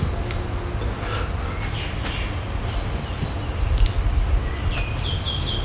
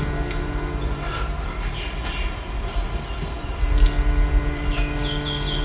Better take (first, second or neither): first